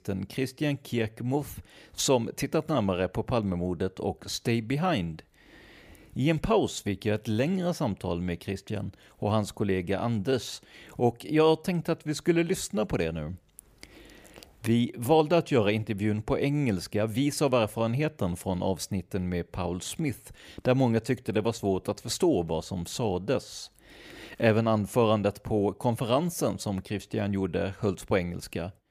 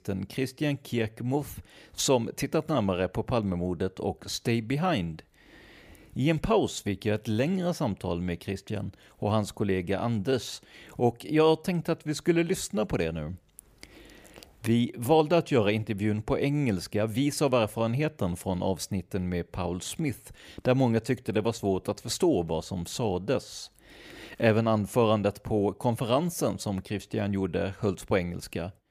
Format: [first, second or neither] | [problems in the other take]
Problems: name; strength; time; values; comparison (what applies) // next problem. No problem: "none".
neither | none